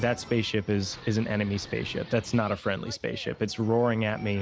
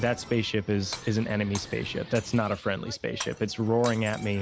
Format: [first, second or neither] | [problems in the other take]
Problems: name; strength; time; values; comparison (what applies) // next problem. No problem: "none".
first | background sound (Shatter); 17 dB below the speech